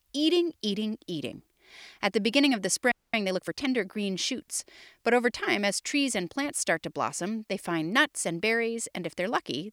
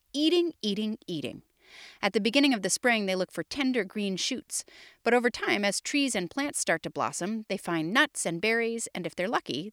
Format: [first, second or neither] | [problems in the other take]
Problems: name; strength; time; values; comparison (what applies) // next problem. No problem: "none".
second | audio freezing; at 3 s